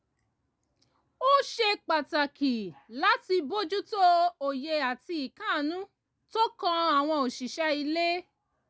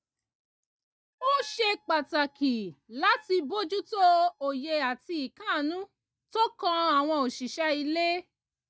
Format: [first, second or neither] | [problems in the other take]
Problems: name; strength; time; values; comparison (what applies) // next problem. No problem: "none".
first | noise reduction (neural mask model DeepFilterNet 3)